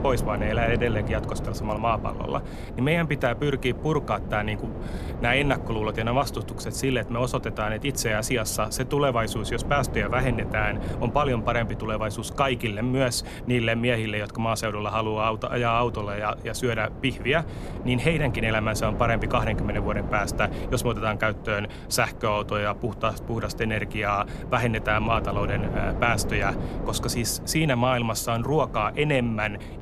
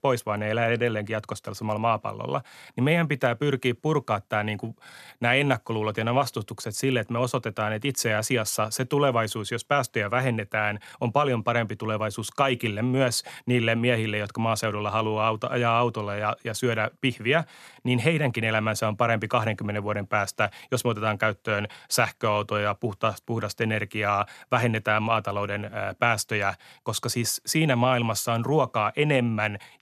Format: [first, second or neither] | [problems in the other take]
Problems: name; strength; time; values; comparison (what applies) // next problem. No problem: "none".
second | wind noise on the microphone; occasional gusts; 15 dB below the speech